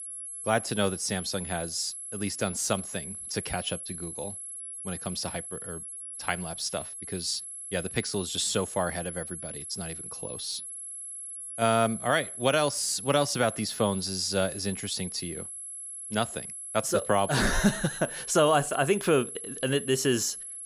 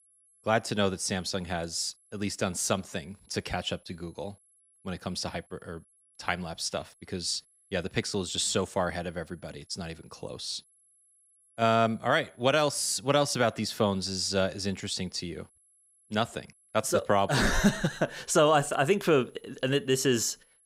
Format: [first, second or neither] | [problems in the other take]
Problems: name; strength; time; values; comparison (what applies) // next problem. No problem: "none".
second | high-pitched whine; loud; throughout; 11 kHz, 8 dB below the speech; faint in the second